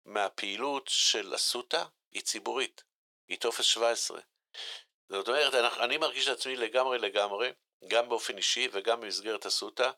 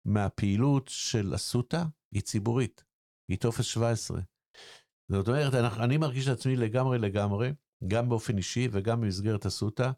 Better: second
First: thin; very; fading below 450 Hz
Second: none

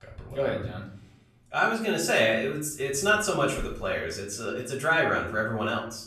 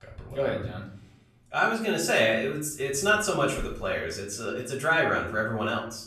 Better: neither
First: off-mic speech; far // room echo; slight; dies away in 0.5 s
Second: off-mic speech; far // room echo; slight; dies away in 0.5 s

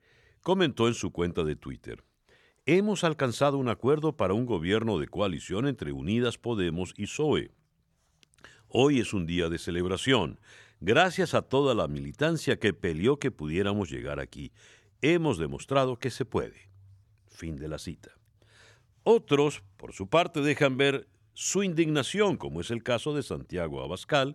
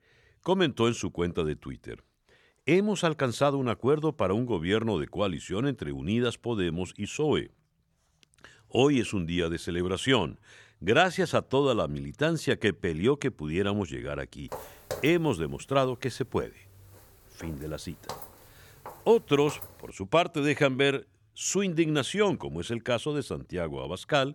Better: first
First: none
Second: footsteps; faint; from 15 to 20 s; peak 10 dB below the speech

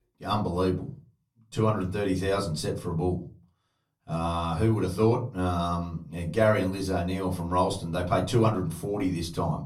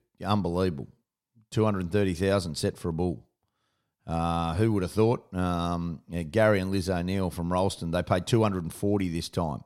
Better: second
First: off-mic speech; far // room echo; very slight; dies away in 0.3 s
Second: none

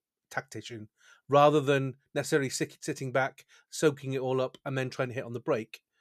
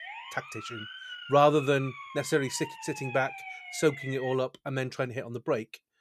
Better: first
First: none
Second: siren; faint; until 4.5 s; peak 10 dB below the speech

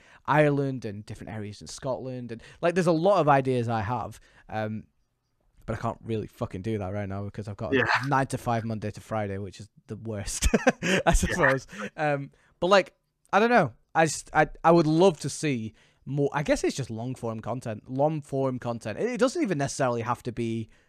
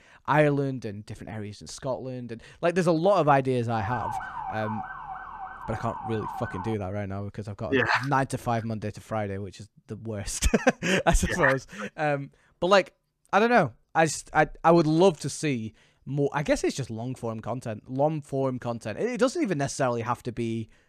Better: first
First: none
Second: siren; noticeable; from 4 to 6.5 s; peak 7 dB below the speech

